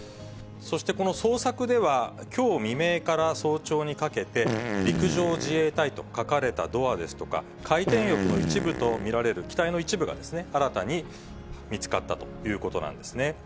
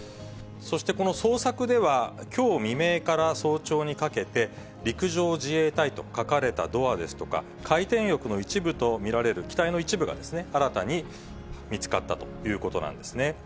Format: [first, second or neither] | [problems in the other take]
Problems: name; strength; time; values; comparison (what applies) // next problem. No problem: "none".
second | background sound (Fart); 2 dB below the speech